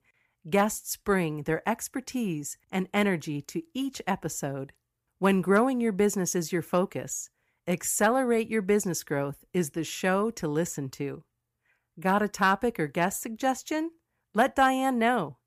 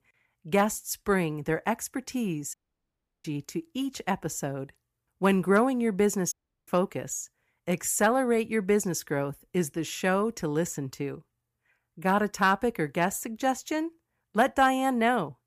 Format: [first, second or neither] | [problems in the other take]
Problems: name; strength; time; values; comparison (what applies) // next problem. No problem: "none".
first | audio cutting out; at 2.5 s for 0.5 s and at 6.5 s